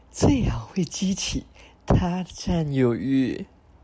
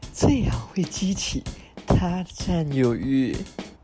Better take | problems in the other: first | background sound (Drum kit); 14 dB below the speech

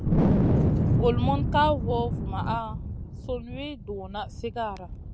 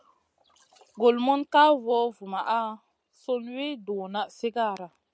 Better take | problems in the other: second | background sound (Wind); 4 dB above the speech

